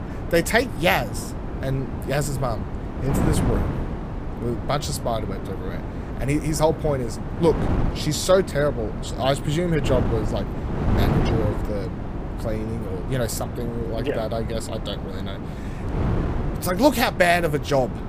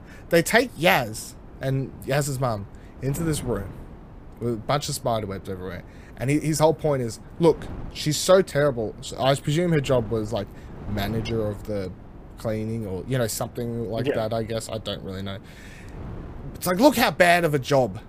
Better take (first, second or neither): second